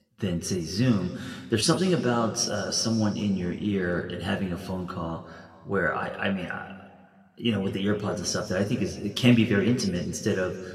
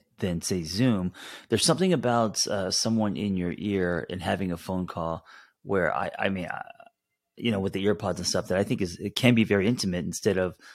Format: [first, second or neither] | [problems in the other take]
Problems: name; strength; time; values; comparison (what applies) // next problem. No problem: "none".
second | room echo; slight; dies away in 1.5 s